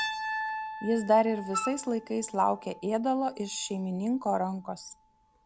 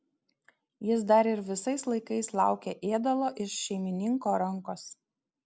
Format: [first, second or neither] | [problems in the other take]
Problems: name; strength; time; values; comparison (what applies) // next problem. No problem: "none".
second | background sound (Wind instrument, woodwind instrument + Piano); 9 dB below the speech